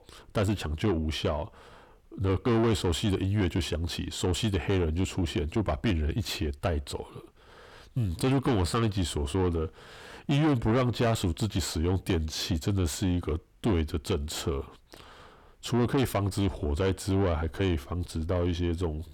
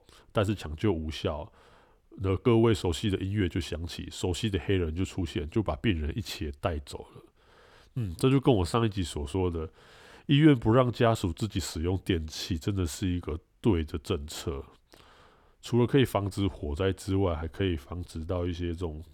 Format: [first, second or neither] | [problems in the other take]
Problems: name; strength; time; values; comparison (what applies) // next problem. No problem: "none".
second | distortion; heavy; 7 dB below the speech